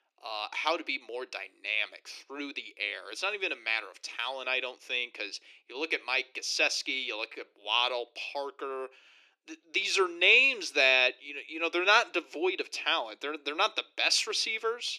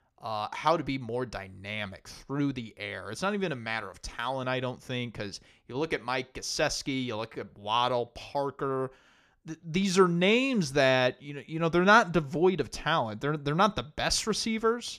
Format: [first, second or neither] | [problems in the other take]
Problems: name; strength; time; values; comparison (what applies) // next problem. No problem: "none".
second | thin; very; fading below 300 Hz